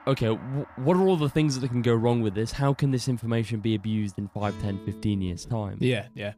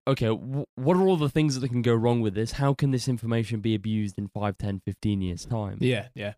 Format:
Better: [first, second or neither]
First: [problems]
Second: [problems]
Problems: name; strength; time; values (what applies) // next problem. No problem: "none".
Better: second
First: background music; faint; throughout; 20 dB below the speech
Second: none